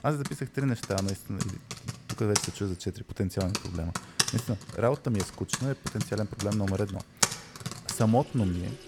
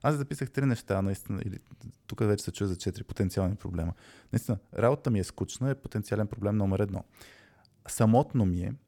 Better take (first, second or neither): second